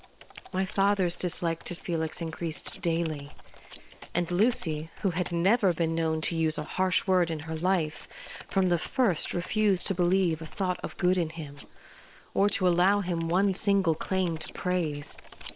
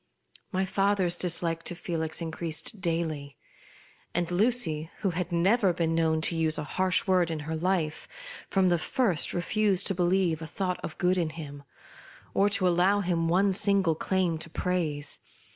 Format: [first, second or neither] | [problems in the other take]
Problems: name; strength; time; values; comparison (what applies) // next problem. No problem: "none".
second | noise reduction (neural separator model SepFormer WHAM!)